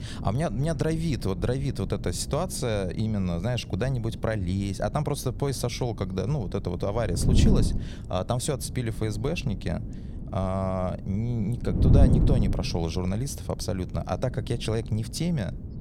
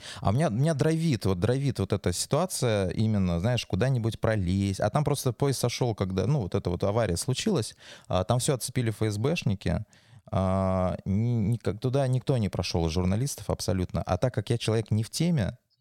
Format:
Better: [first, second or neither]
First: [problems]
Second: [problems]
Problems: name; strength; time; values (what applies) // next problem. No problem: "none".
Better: second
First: wind noise on the microphone; heavy; 9 dB below the speech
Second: none